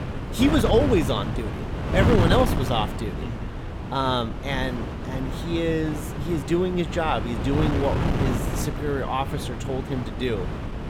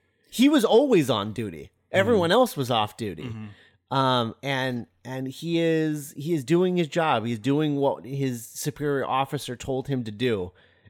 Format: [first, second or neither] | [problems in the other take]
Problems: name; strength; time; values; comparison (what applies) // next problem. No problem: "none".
second | wind noise on the microphone; heavy; 6 dB below the speech